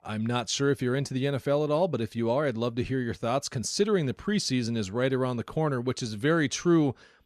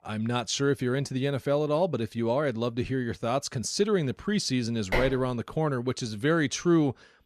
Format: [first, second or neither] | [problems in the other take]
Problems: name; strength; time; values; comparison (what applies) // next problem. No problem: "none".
first | clattering dishes; noticeable; at 5 s; peak 3 dB below the speech